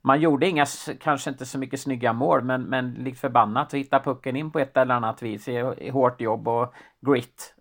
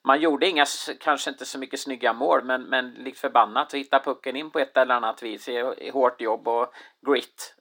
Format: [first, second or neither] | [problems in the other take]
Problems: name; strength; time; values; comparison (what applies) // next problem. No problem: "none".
first | thin; very slightly; fading below 300 Hz